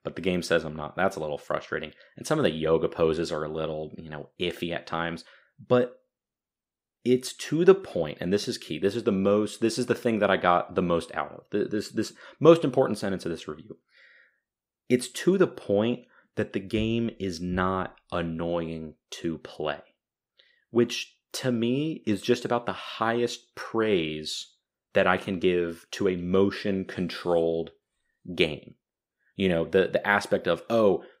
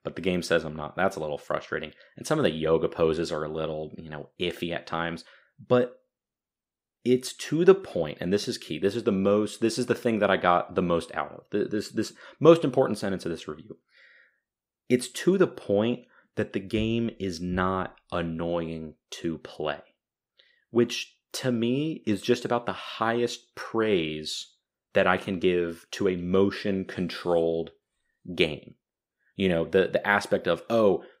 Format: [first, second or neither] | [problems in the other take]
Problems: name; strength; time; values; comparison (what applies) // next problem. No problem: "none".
neither | none